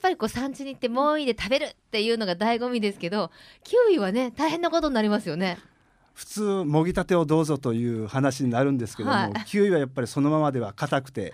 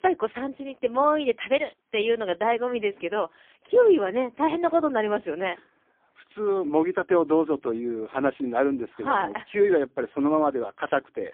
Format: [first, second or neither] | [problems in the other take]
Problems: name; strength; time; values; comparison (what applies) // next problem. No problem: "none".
first | phone-call audio; poor line; nothing above 3.5 kHz